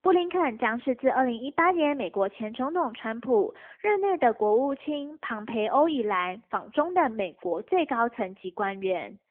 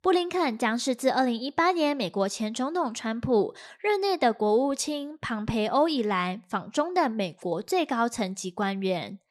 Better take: second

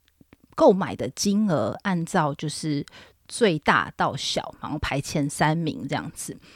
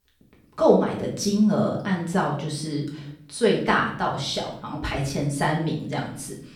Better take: first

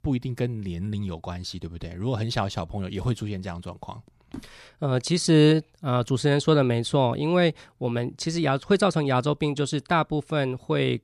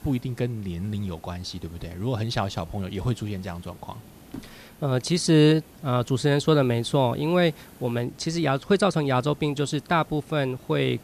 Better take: first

